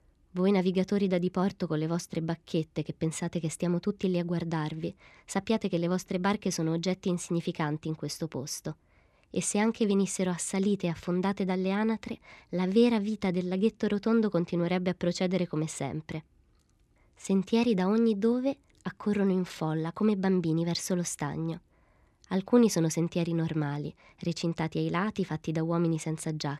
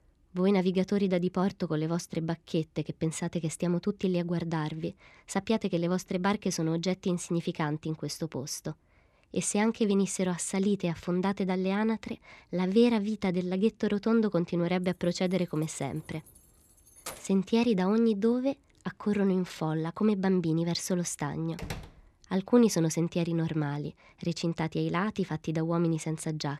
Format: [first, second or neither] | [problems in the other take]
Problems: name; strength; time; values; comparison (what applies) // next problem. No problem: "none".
first | jangling keys; faint; from 15 to 17 s; peak 15 dB below the speech // door banging; faint; at 22 s; peak 10 dB below the speech